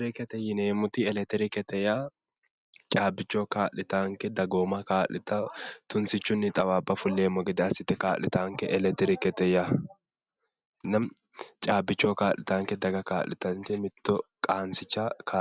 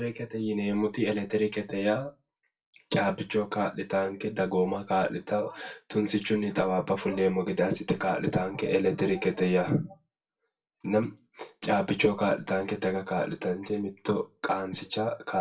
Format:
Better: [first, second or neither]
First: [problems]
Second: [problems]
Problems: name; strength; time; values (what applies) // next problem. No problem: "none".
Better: first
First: none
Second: room echo; dies away in 0.2 s